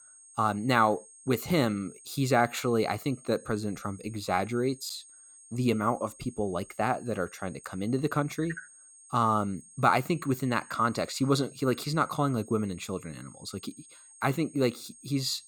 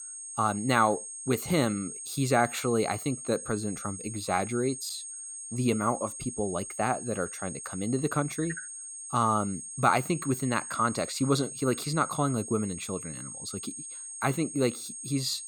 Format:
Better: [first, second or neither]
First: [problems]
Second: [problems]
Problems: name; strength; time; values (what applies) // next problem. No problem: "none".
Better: first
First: high-pitched whine; faint; throughout; 8.5 kHz, 20 dB below the speech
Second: high-pitched whine; loud; throughout; 8.5 kHz, 8 dB below the speech